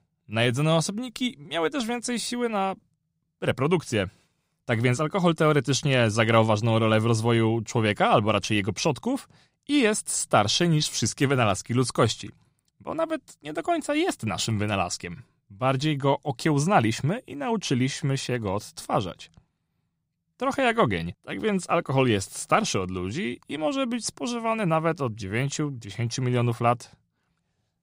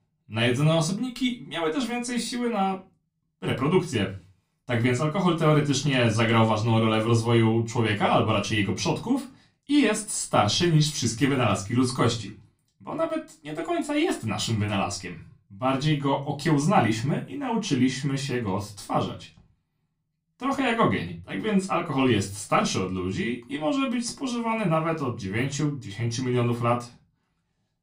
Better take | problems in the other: first | off-mic speech; far // room echo; very slight; dies away in 0.2 s

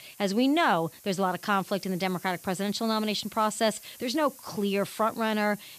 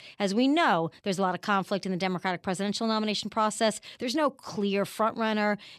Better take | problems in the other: second | hiss; noticeable; throughout; 20 dB below the speech

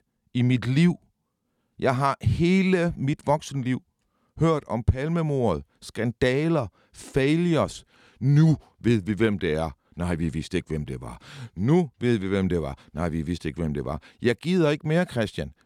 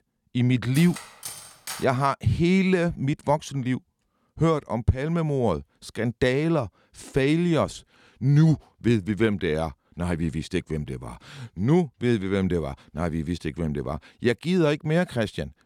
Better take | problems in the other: first | clattering dishes; faint; from 0.5 to 2 s; peak 10 dB below the speech

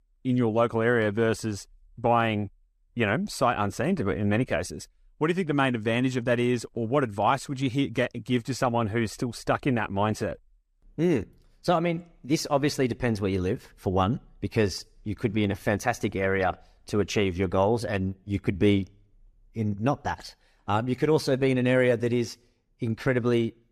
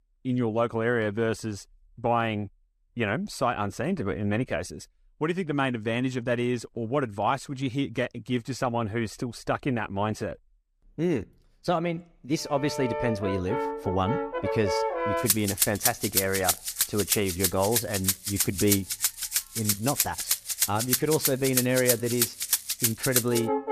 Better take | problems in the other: first | background music; very loud; from 13 s on; 2 dB above the speech

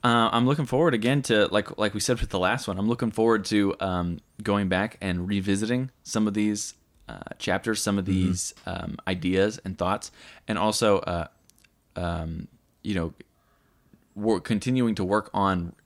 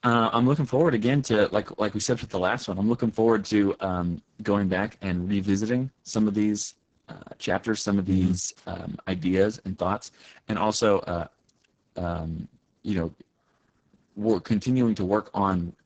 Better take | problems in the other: first | garbled, watery; badly; nothing above 7.5 kHz

